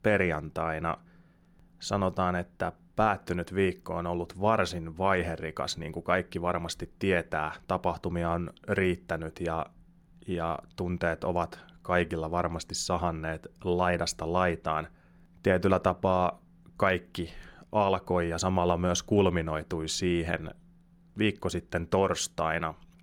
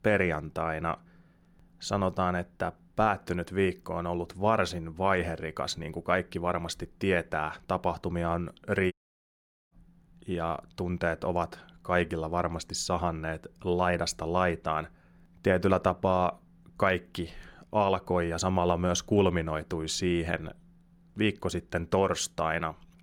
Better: first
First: none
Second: audio cutting out; at 9 s for 1 s

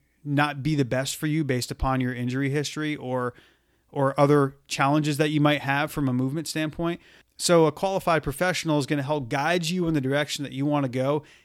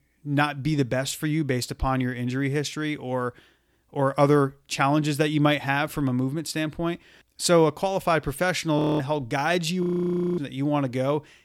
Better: first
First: none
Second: audio freezing; at 9 s and at 10 s for 0.5 s

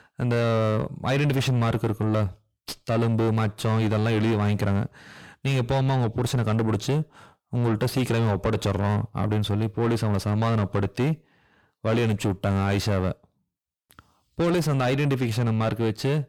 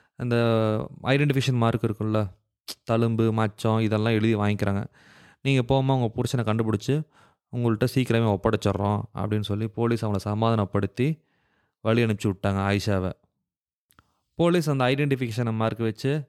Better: second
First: distortion; heavy; 7 dB below the speech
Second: none

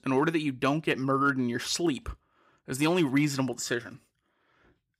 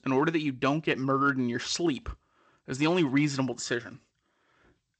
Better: first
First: none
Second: garbled, watery; slightly; nothing above 8 kHz

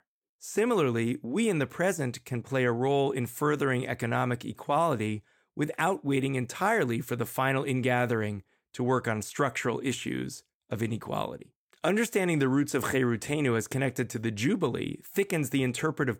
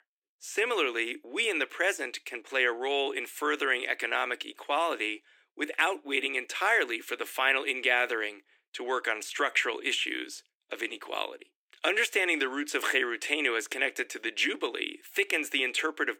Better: first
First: none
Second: thin; very; fading below 300 Hz

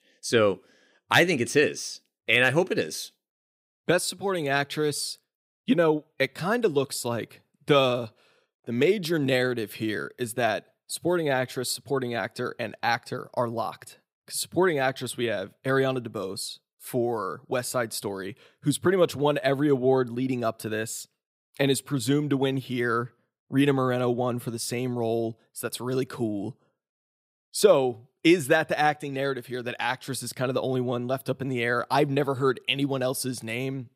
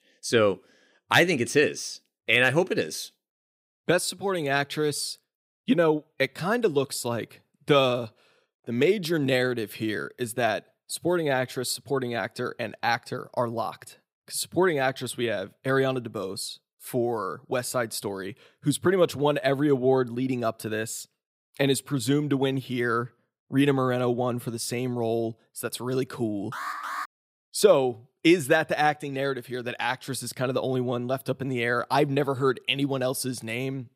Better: first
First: none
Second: alarm; noticeable; at 27 s; peak 6 dB below the speech

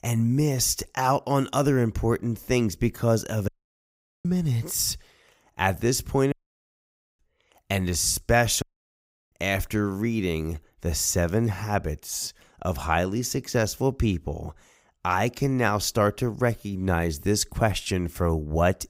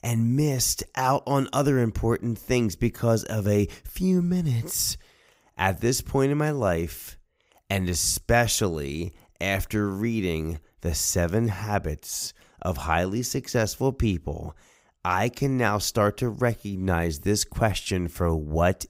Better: second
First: audio cutting out; at 3.5 s for 1 s, at 6.5 s for 1 s and at 8.5 s for 0.5 s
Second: none

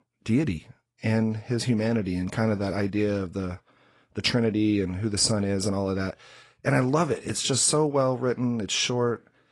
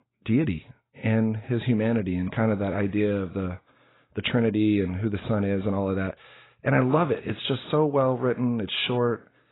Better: first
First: garbled, watery; slightly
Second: garbled, watery; badly; nothing above 4 kHz

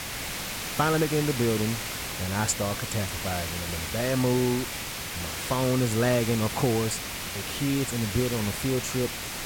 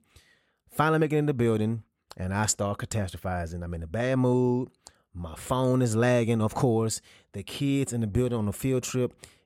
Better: second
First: hiss; loud; throughout; 4 dB below the speech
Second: none

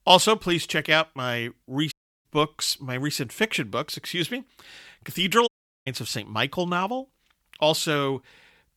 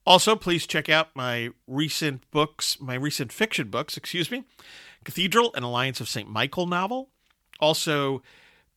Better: second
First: audio cutting out; at 2 s and at 5.5 s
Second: none

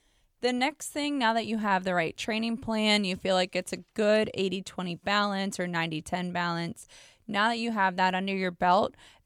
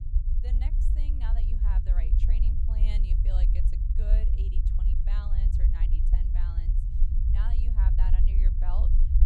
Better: first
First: none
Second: low rumble; loud; throughout; as loud as the speech

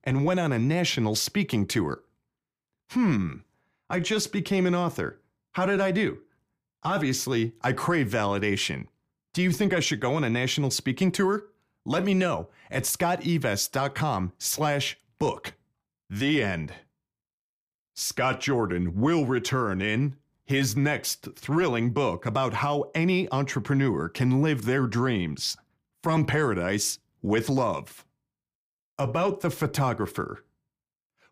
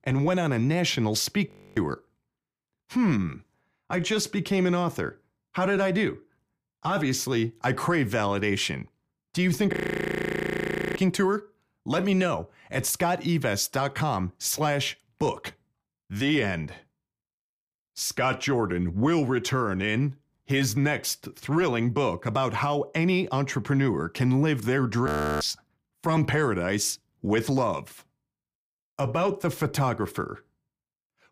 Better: first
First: none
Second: audio freezing; at 1.5 s, at 9.5 s for 1 s and at 25 s

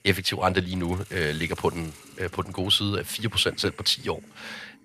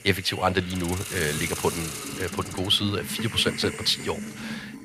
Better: first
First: hiss; faint; throughout; 20 dB below the speech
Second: hiss; loud; throughout; 8 dB below the speech

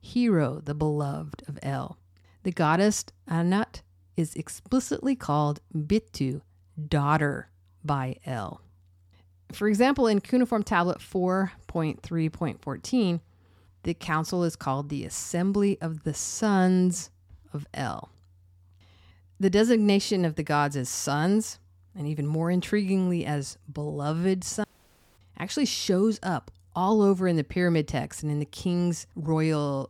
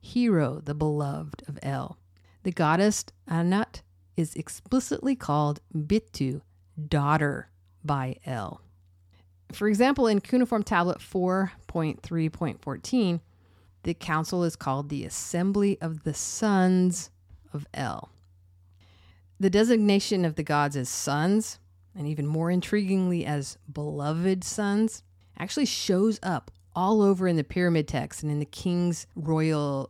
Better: second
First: audio cutting out; at 25 s for 0.5 s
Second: none

